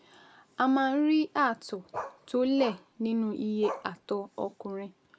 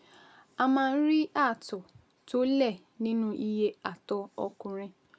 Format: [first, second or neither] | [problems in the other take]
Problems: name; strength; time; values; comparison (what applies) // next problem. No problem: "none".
second | background sound (Bark); 13 dB below the speech